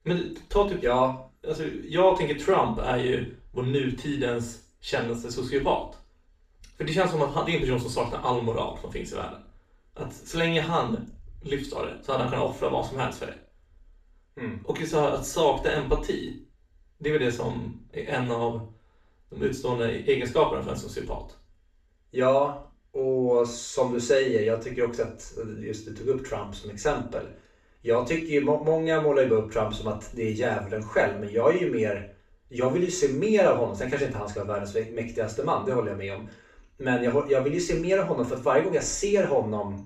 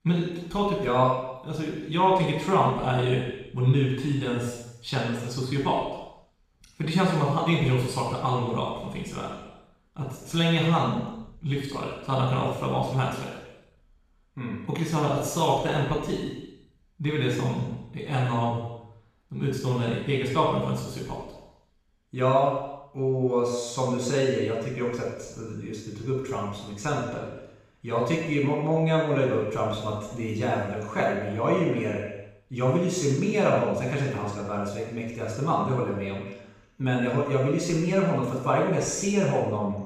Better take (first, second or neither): first